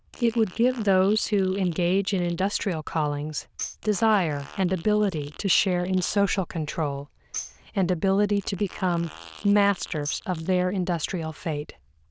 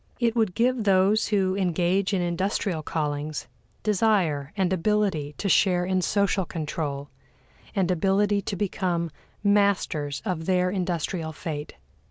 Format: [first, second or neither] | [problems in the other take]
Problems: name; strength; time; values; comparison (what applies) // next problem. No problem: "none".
second | noise reduction (neural diffusion model UNIVERSE++)